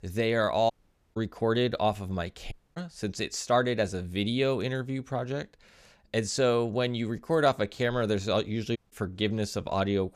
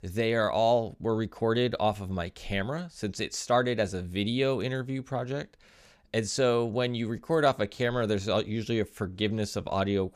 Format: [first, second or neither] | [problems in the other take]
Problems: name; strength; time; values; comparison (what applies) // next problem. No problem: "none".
second | audio cutting out; at 0.5 s, at 2.5 s and at 9 s